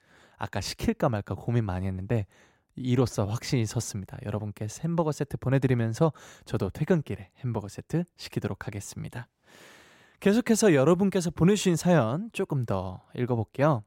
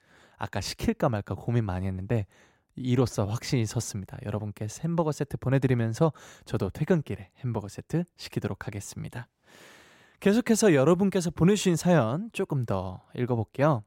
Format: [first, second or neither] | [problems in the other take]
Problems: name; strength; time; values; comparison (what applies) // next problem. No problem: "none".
neither | none